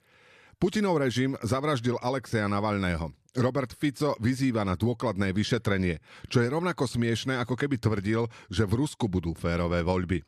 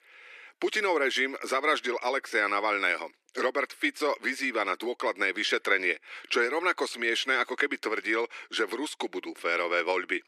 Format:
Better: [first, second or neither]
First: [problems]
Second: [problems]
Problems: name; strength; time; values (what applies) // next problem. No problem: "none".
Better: first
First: none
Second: thin; very; fading below 300 Hz